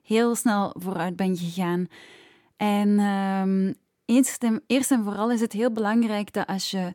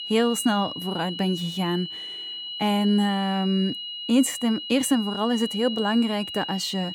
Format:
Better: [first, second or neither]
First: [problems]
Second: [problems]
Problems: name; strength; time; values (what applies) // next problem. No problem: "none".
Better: first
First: none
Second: high-pitched whine; loud; throughout; 3 kHz, 7 dB below the speech